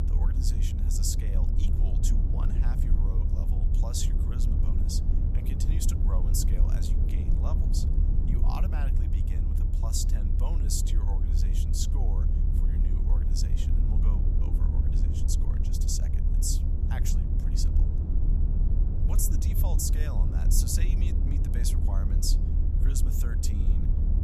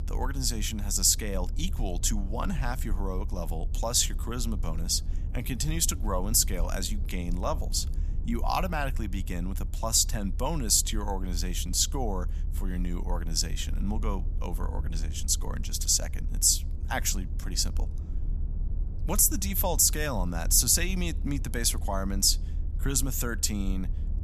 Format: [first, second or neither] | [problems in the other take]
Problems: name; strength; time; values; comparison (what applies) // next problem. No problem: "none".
second | low rumble; loud; throughout; 4 dB below the speech; faint in the second